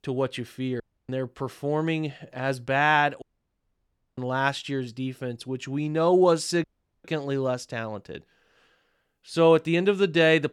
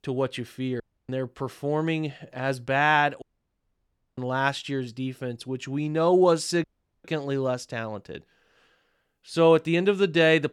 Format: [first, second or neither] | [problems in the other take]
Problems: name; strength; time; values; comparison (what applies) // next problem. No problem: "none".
neither | audio cutting out; at 1 s, at 3 s for 1 s and at 6.5 s; the same in both